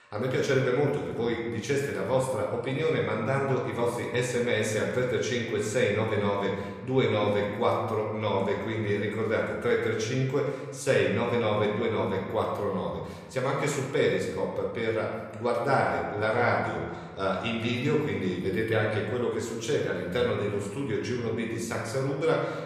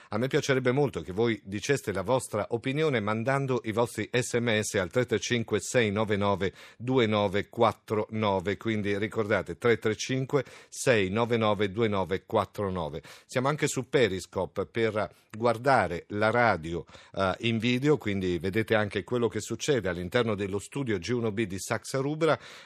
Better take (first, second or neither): second